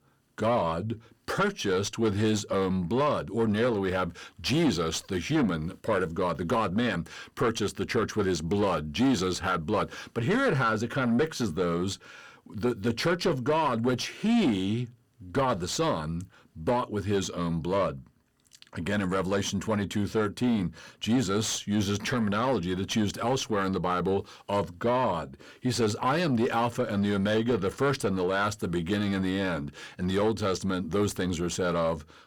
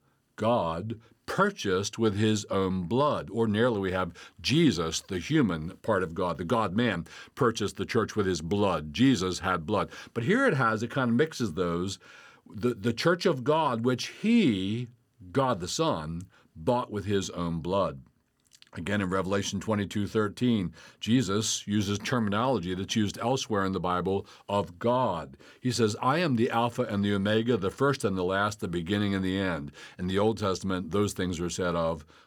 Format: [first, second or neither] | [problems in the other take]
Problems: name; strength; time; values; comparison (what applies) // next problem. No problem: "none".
second | distortion; slight; 9 dB below the speech